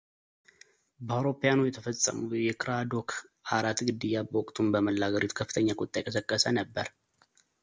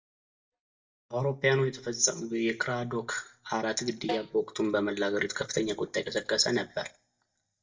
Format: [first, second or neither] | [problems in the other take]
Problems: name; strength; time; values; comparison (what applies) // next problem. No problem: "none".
first | noise reduction (neural mask model DeepFilterNet 3)